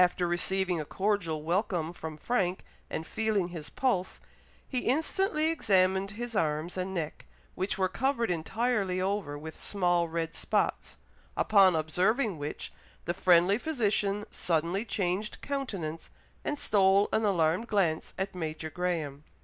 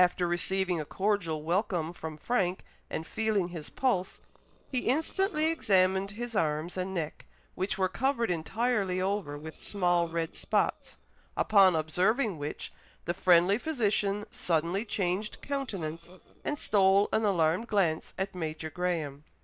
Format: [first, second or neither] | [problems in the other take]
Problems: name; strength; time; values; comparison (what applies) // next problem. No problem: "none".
first | noise reduction (neural separator model SepFormer DNS4)